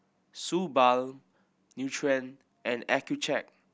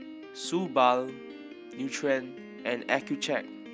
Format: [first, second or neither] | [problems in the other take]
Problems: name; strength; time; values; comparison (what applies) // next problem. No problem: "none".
first | background sound (Piano); 13 dB below the speech